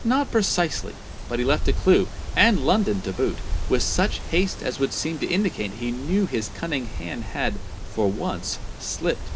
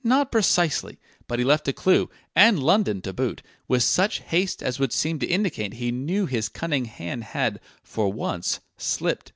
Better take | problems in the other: second | background sound (Wind); 5 dB below the speech // room echo; dies away in 0.3 s

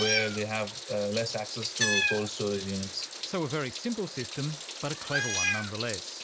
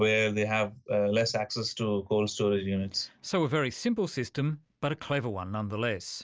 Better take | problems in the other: second | background sound (Meow); 1 dB below the speech

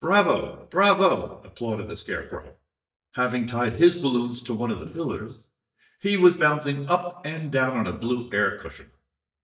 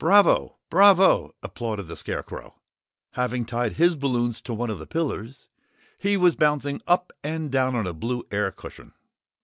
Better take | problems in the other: second | noise reduction (neural mask model DeepFilterNet 3)

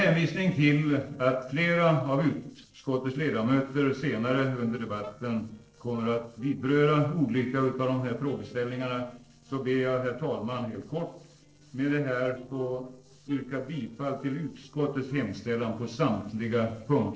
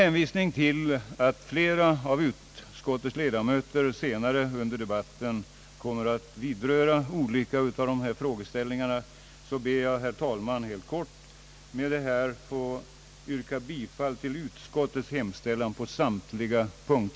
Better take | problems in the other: second | noise reduction (neural separator model SepFormer DNS4)

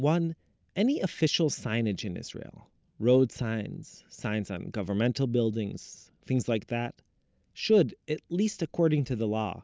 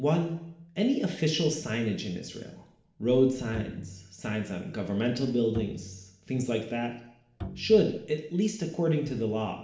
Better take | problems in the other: first | background sound (Bowed string instrument); 15 dB below the speech // room echo; dies away in 0.7 s

